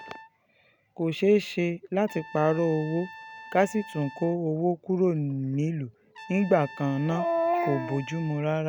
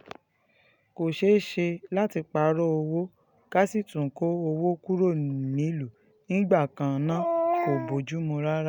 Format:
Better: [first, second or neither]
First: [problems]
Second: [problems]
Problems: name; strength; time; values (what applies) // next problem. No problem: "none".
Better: second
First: background sound (Trumpet); 19 dB below the speech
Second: none